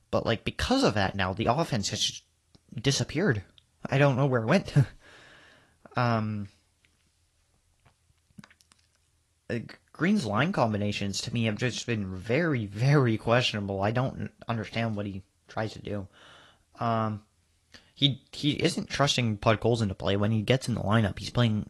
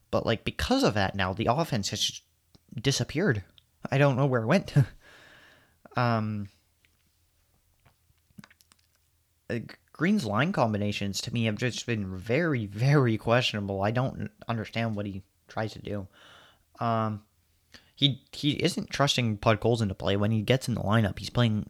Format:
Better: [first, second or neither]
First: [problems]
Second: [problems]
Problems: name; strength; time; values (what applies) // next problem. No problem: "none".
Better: second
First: garbled, watery; slightly; nothing above 11 kHz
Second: none